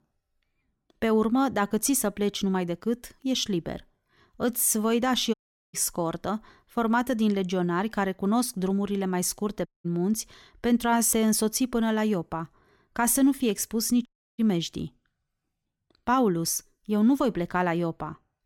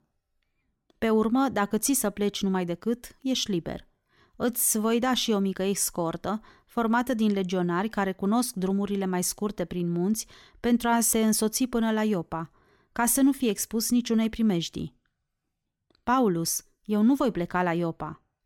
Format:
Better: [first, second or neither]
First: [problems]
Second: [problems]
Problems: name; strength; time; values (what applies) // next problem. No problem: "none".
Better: second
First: audio cutting out; at 5.5 s, at 9.5 s and at 14 s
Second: none